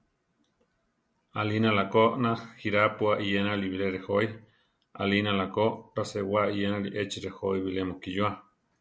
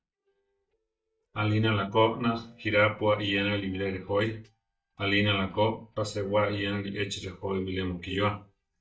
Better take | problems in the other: first | noise reduction (neural mask model DeepFilterNet 3)

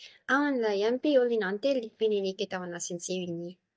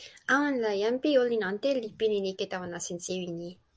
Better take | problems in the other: second | noise reduction (neural mask model DeepFilterNet 3)

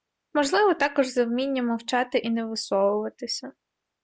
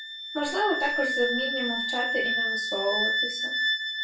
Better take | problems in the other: first | background sound (Wind instrument, woodwind instrument); 2 dB above the speech // room echo; dies away in 0.3 s

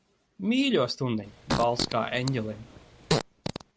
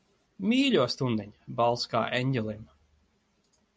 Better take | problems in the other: second | background sound (Fart); 3 dB below the speech

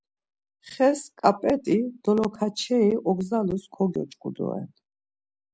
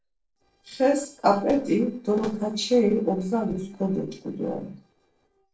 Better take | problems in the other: first | noise reduction (neural separator model SepFormer DNS4)

